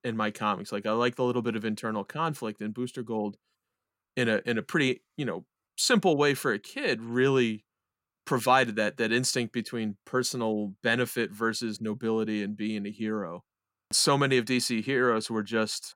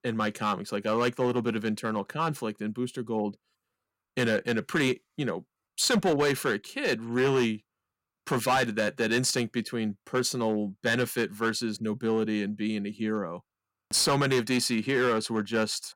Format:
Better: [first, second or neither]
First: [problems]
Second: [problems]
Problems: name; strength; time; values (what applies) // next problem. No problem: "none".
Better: first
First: none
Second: distortion; slight; 5% of the sound clipped